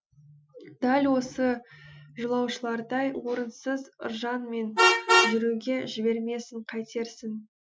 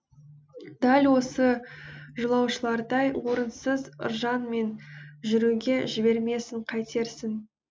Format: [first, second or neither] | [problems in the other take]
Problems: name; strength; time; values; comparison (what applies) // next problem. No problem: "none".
second | noise reduction (classical method Wiener filter)